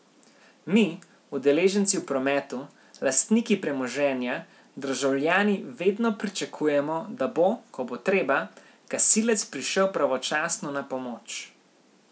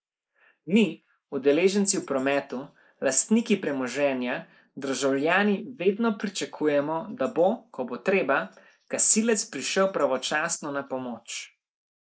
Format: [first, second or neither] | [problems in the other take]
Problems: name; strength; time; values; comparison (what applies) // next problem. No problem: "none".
first | noise reduction (neural mask model Resemble Enhance denoiser)